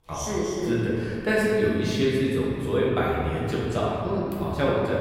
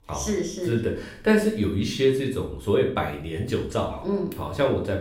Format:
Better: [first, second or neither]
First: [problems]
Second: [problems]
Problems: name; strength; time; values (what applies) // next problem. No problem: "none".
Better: second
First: room echo; strong; dies away in 2.4 s // off-mic speech; far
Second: room echo; slight; dies away in 0.5 s // off-mic speech; far